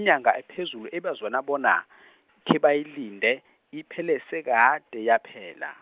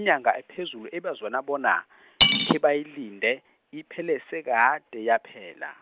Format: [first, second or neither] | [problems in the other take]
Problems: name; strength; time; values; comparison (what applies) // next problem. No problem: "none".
first | background sound (Cutlery, silverware / Dishes, pots, and pans); 1 dB above the speech